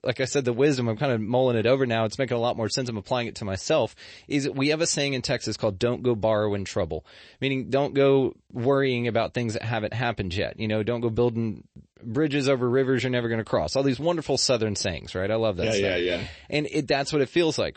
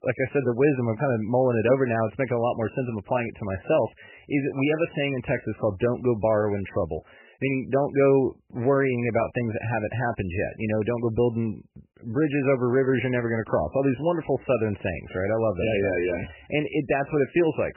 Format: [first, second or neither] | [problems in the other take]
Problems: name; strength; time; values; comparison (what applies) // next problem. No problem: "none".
first | garbled, watery; badly; nothing above 3 kHz; slightly in the first